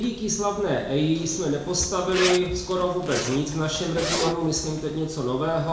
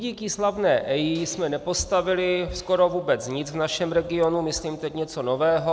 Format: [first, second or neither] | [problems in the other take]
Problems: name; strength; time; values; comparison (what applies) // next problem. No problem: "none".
second | background sound (Zipper (clothing)); 9 dB below the speech // room echo; dies away in 0.6 s